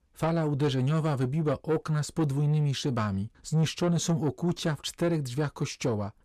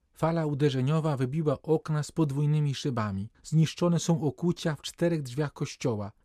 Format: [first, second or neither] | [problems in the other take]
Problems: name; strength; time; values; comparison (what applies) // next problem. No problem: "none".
second | distortion; slight; 10 dB below the speech